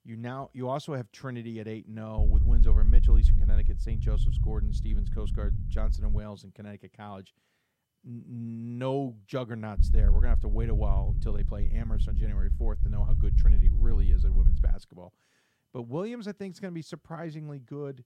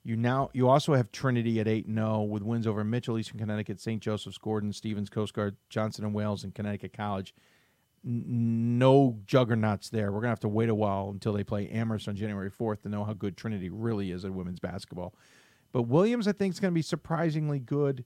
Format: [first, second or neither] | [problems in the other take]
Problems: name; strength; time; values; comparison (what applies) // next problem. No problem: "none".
second | low rumble; loud; from 2 to 6 s and from 10 to 15 s; 7 dB below the speech